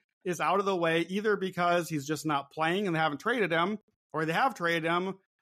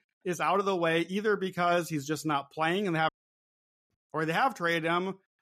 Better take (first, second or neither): first